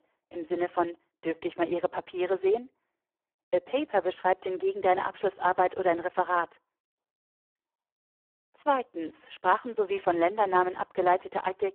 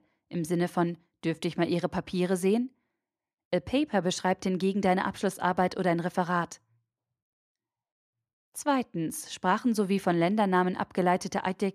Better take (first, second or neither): second